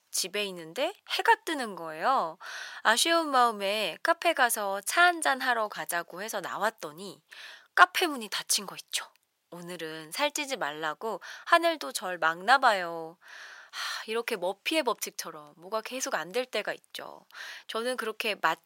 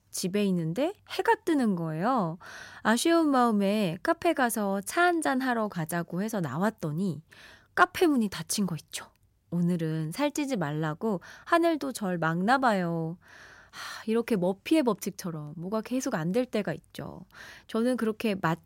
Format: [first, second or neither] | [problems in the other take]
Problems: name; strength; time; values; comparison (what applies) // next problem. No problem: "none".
second | thin; very; fading below 650 Hz